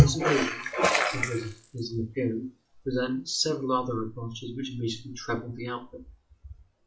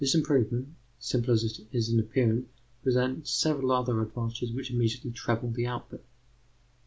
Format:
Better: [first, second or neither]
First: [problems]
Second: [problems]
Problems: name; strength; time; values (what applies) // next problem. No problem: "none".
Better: second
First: noise reduction (classical method WPE with log-MMSE)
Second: none